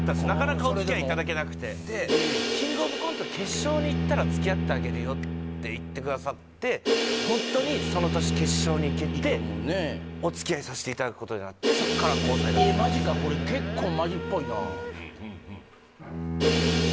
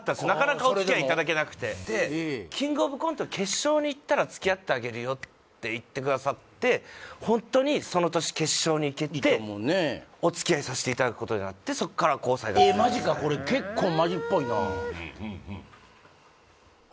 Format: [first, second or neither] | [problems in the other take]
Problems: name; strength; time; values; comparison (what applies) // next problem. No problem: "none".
second | background sound (Bowed string instrument + Crash cymbal); 2 dB above the speech